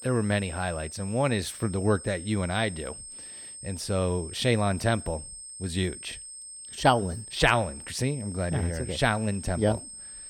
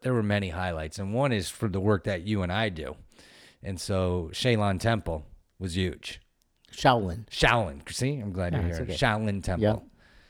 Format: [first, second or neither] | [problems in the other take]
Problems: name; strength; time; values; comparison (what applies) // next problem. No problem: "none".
second | high-pitched whine; noticeable; throughout; 8.5 kHz, 10 dB below the speech